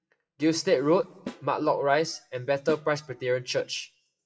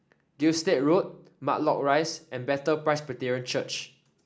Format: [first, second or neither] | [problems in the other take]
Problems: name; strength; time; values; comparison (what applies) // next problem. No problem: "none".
second | noise reduction (classical method WPE with log-MMSE)